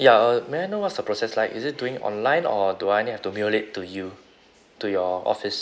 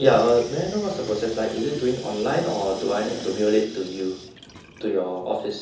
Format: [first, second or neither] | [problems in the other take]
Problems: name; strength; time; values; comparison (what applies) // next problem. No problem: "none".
first | background sound (Sink (filling or washing) / Water tap, faucet); 14 dB below the speech // room echo; dies away in 0.6 s